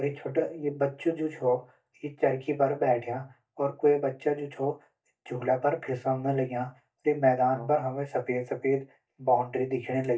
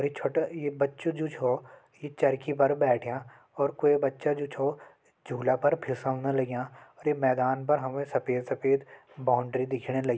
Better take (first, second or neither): second